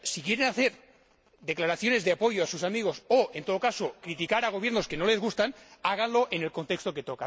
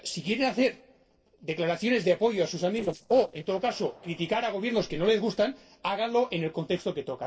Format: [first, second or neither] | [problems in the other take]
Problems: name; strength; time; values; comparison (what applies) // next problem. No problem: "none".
first | noise reduction (neural separator model SepFormer DNS4)